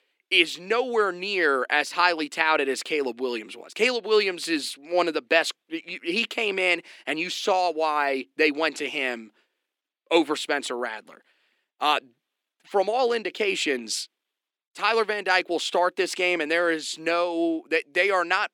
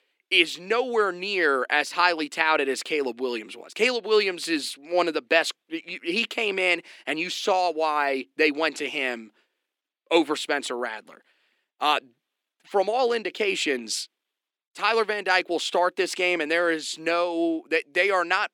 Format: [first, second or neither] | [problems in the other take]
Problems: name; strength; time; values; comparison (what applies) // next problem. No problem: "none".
neither | thin; somewhat; fading below 300 Hz; the same in both